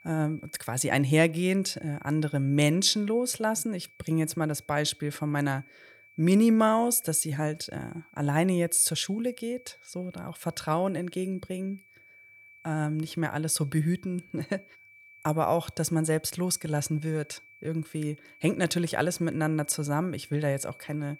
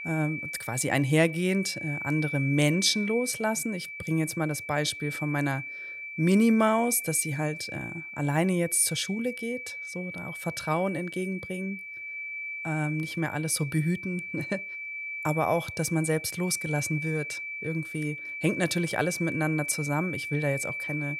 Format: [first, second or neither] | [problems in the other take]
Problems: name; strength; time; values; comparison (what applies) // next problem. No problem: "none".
first | high-pitched whine; loud; throughout; 2.5 kHz, 7 dB below the speech; faint in the first